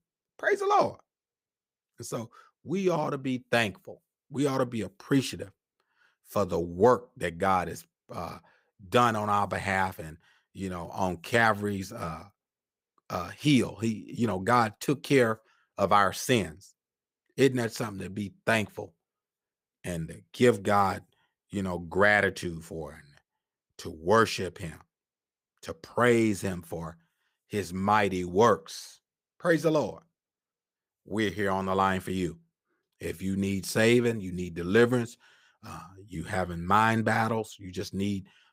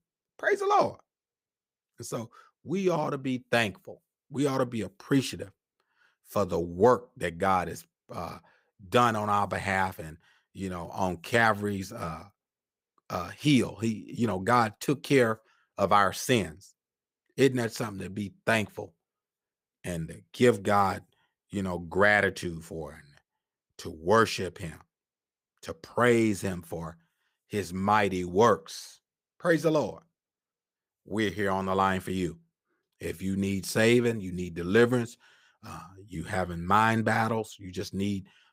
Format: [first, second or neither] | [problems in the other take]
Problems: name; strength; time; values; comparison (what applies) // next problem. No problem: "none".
neither | none